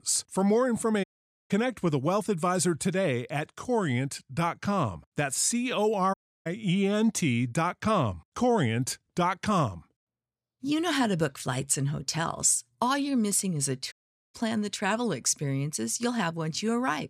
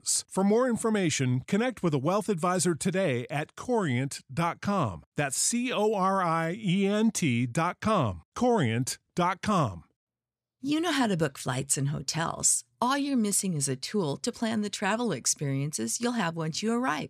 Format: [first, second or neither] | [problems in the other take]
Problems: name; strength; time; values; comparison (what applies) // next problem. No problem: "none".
second | audio cutting out; at 1 s, at 6 s and at 14 s